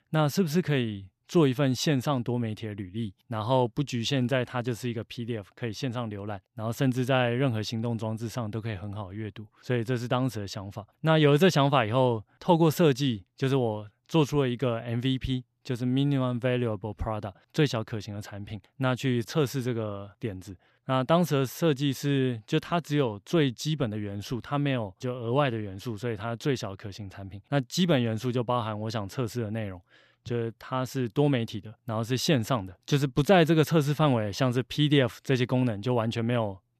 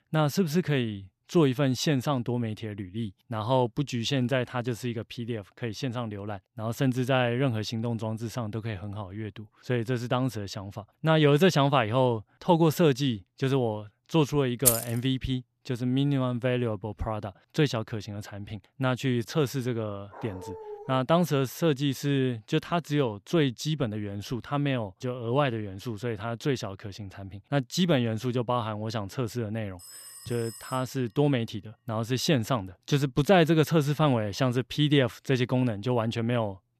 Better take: first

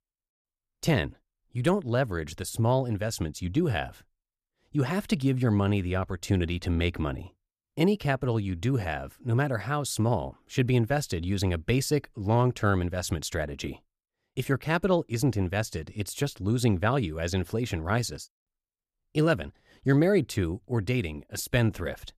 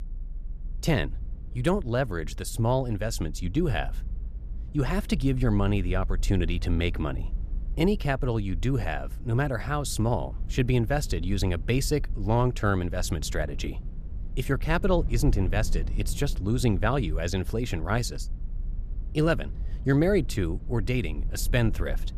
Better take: first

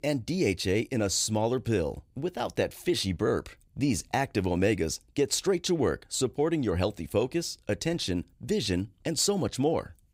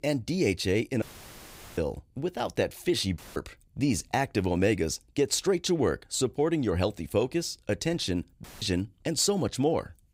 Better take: first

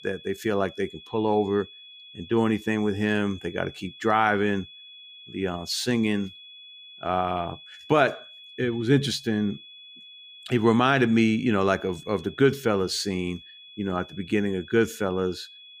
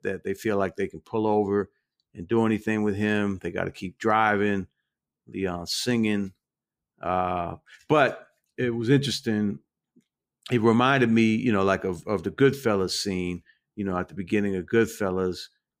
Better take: second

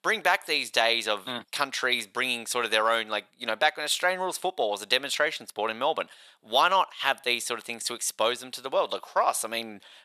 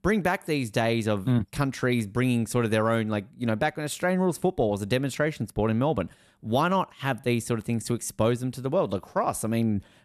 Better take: second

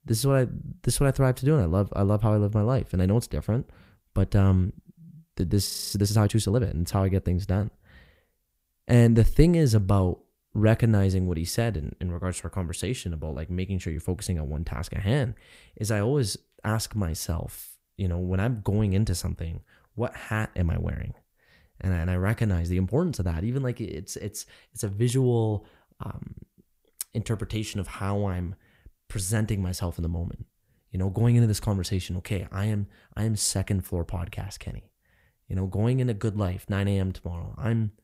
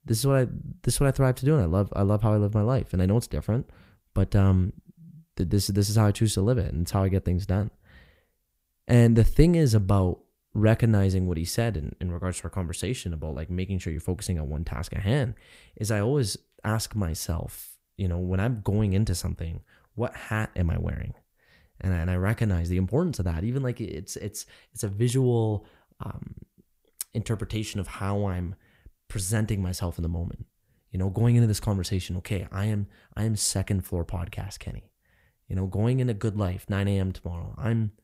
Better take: second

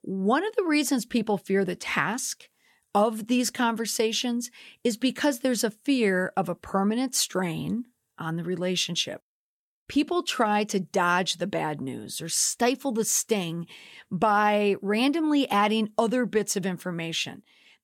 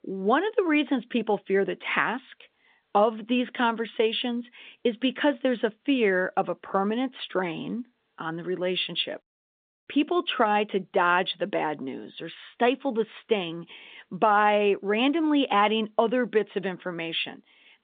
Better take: first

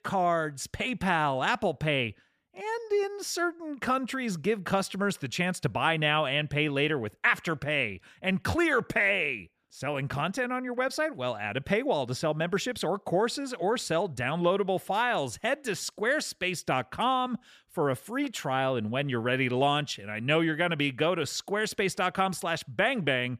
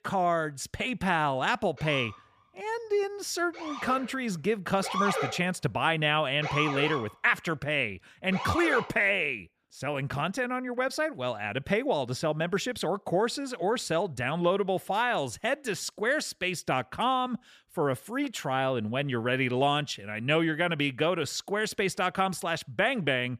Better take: first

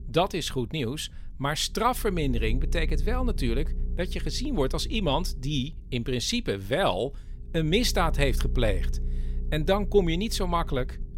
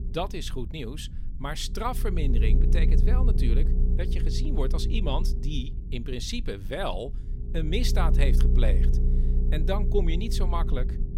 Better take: first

